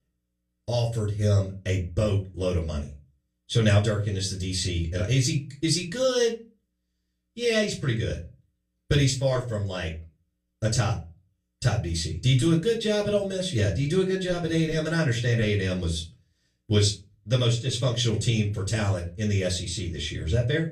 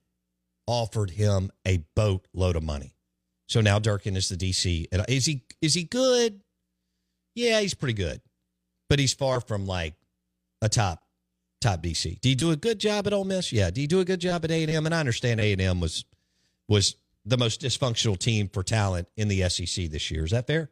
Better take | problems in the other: second | off-mic speech; far // room echo; very slight; dies away in 0.3 s

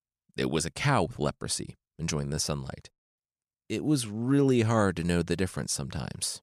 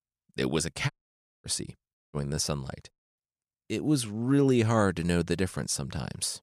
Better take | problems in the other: first | audio cutting out; at 1 s for 0.5 s and at 2 s

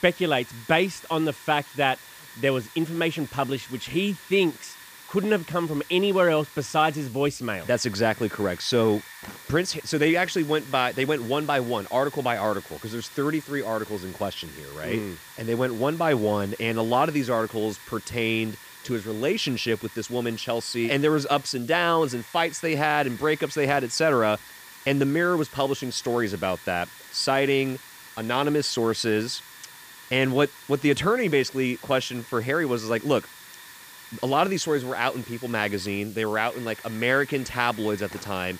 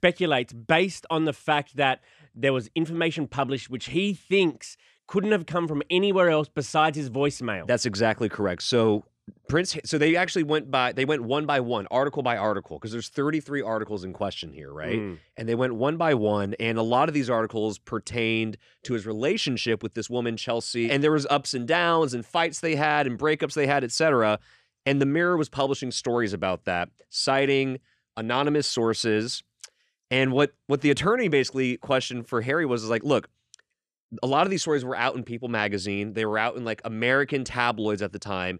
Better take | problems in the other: second | hiss; noticeable; throughout; 15 dB below the speech

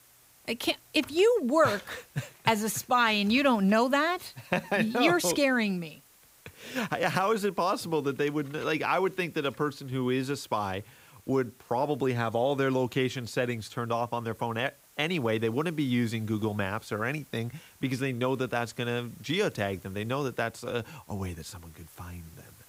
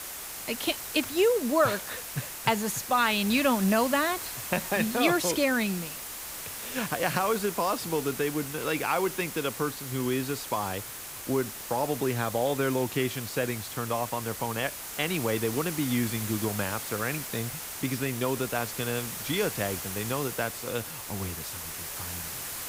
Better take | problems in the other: first | hiss; loud; throughout; 6 dB below the speech; faint in the first

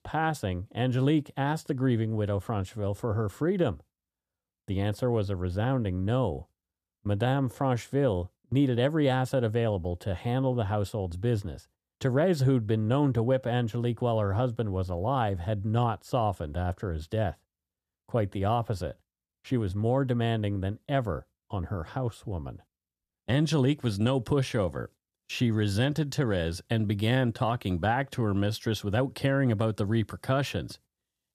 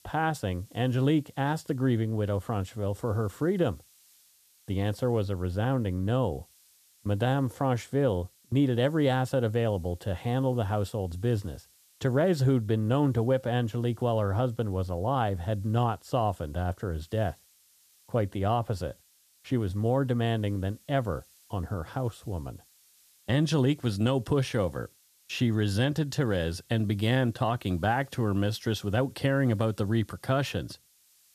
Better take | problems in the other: first | hiss; faint; throughout; 30 dB below the speech

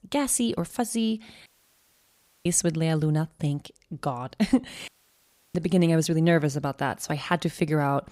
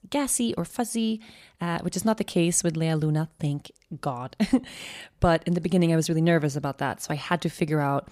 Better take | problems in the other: second | audio cutting out; at 1.5 s for 1 s and at 5 s for 0.5 s

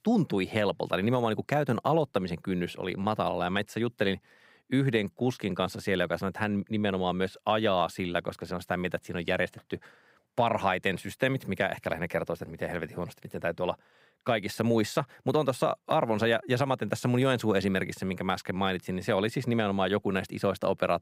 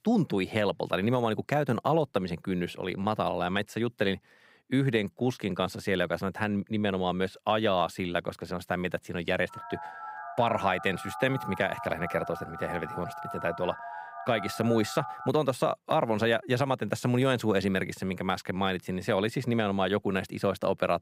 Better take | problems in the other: first | phone ringing; noticeable; from 9.5 to 15 s; peak 9 dB below the speech

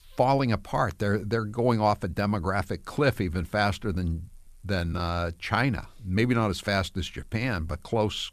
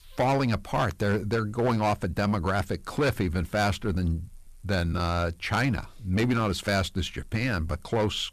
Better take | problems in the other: first | distortion; slight; 8% of the sound clipped

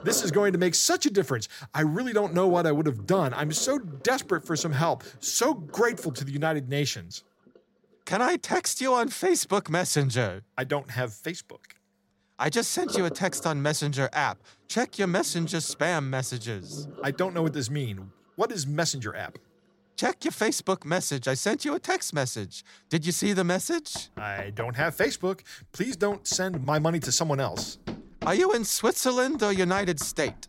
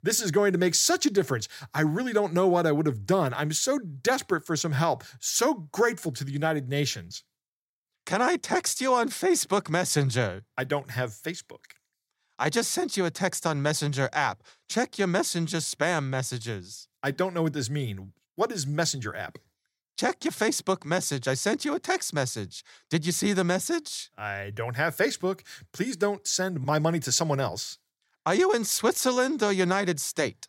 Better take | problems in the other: second | household noises; noticeable; throughout; 15 dB below the speech

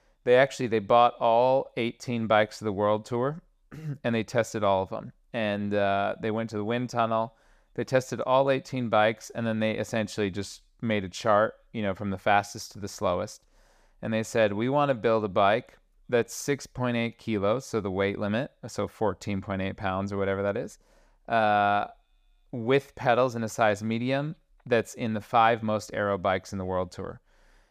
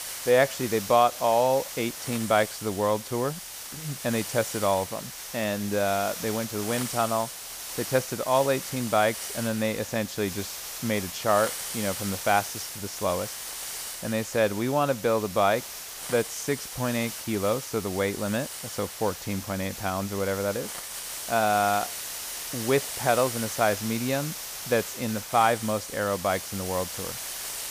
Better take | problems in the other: first | hiss; loud; throughout; 7 dB below the speech

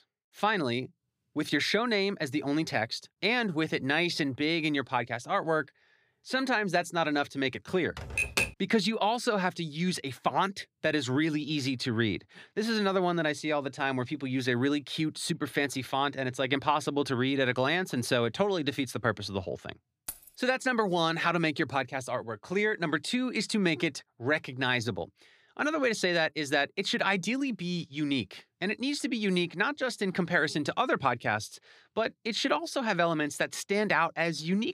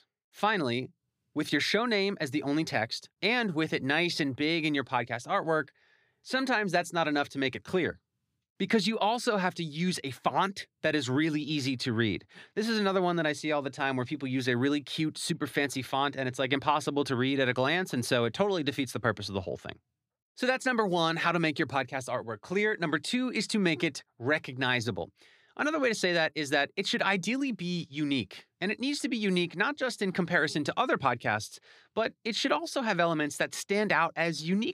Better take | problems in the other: second | keyboard typing; loud; at 8 s; peak 2 dB above the speech // jangling keys; faint; at 20 s; peak 10 dB below the speech

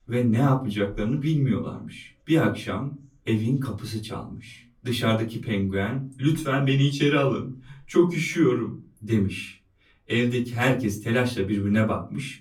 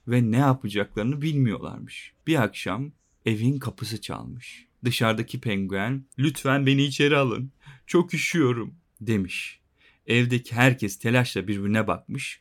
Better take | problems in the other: second | off-mic speech; far // room echo; very slight; dies away in 0.3 s

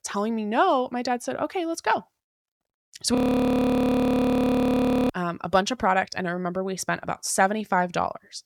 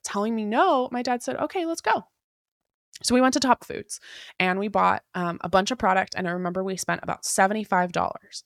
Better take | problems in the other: second | audio freezing; at 3 s for 2 s

